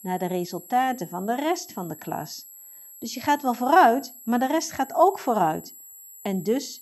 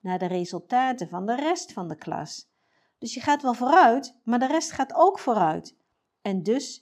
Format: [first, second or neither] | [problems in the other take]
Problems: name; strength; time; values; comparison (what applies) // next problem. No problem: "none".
second | high-pitched whine; noticeable; throughout; 11.5 kHz, 20 dB below the speech